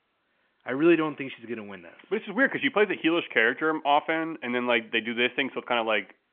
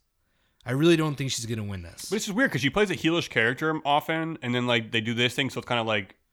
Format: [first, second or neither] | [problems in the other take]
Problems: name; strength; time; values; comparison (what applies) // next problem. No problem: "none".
second | phone-call audio; nothing above 3.5 kHz